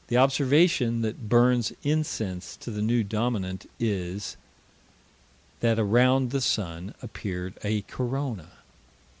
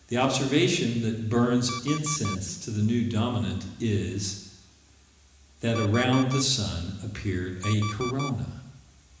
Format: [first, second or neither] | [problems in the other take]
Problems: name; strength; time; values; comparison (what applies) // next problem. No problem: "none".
first | background sound (Alarm); 12 dB below the speech // room echo; dies away in 1 s